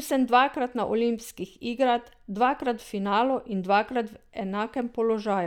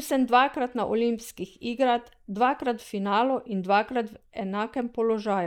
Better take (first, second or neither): first